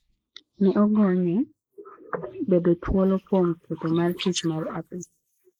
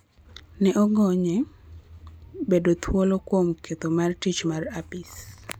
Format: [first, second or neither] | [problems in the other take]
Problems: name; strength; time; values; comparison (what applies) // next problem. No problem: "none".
second | noise reduction (neural mask model Resemble Enhance denoiser)